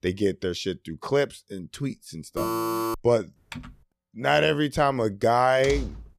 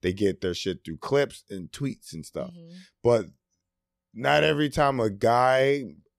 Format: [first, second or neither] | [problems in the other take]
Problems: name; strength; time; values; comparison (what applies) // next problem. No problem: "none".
second | alarm; noticeable; at 2.5 s; peak 2 dB below the speech // keyboard typing; faint; at 3.5 s; peak 15 dB below the speech // door banging; noticeable; at 5.5 s; peak 9 dB below the speech